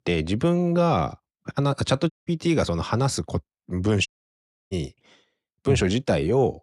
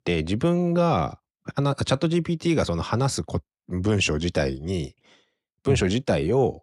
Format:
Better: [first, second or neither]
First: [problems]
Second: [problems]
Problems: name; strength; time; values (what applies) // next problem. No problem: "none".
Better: second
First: audio cutting out; at 2 s and at 4 s for 0.5 s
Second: none